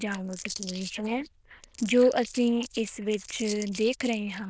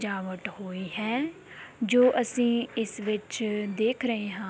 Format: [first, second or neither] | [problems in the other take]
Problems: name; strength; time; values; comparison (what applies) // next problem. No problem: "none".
second | noise reduction (neural diffusion model UNIVERSE++)